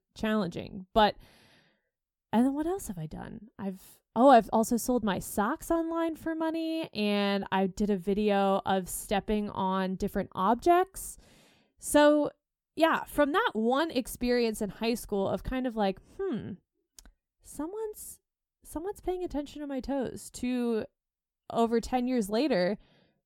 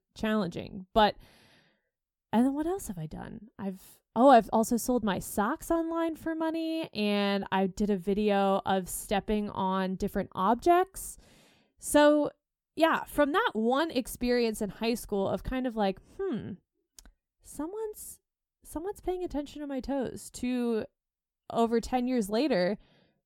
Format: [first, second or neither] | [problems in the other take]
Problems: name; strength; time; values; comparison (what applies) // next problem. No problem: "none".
neither | none